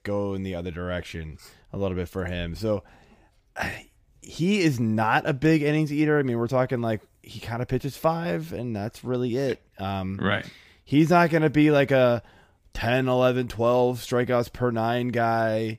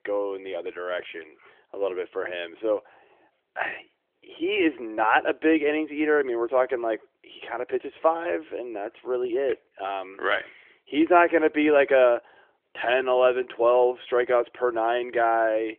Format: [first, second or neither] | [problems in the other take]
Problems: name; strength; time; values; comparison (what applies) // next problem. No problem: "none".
first | phone-call audio; nothing above 3.5 kHz